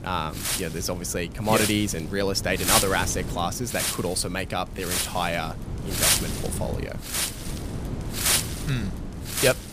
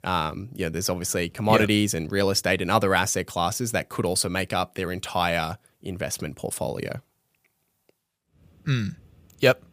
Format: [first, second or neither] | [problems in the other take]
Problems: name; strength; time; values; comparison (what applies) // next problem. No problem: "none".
second | wind noise on the microphone; heavy; as loud as the speech